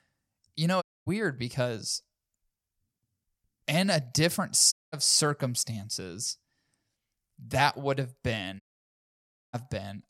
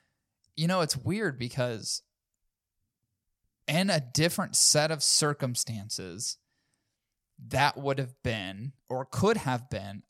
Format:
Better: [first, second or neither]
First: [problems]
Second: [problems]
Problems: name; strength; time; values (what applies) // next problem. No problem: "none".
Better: second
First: audio cutting out; at 1 s, at 4.5 s and at 8.5 s for 1 s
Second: none